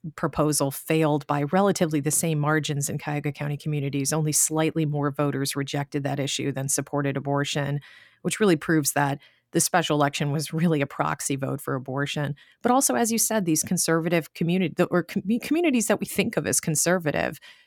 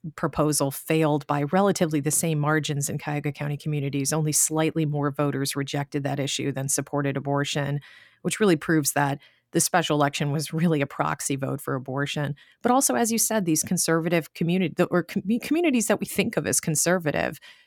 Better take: neither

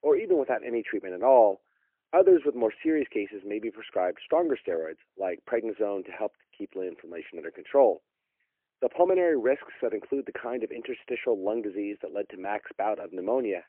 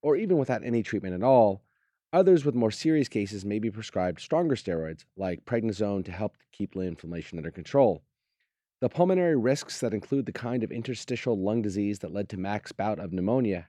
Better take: second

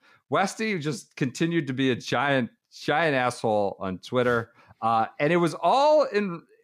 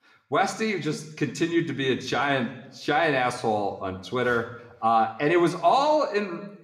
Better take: first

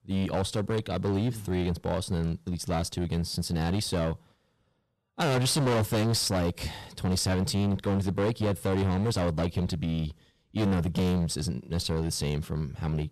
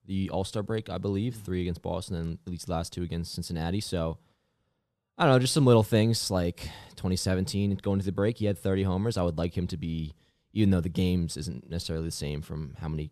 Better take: second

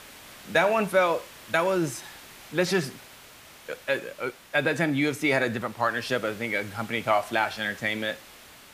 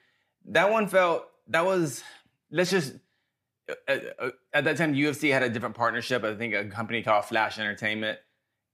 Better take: second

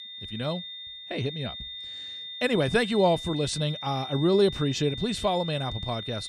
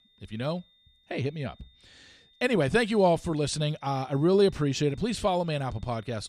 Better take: second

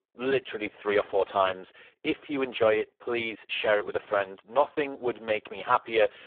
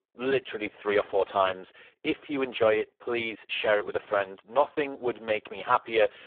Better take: neither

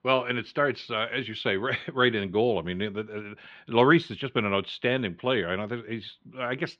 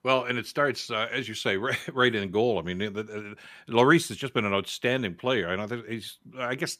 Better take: second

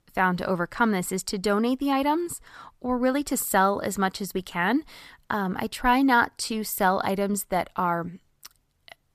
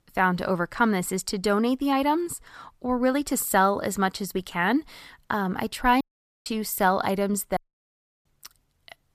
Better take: first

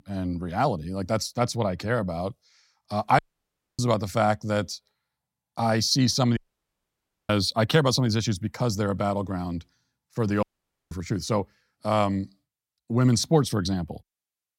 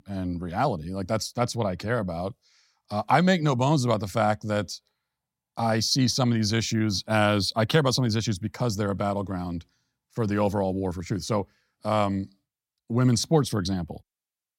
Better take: second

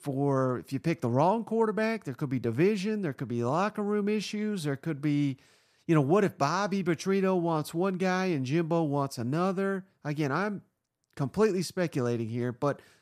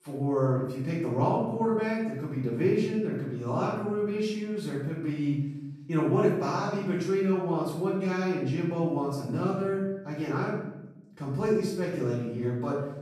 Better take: first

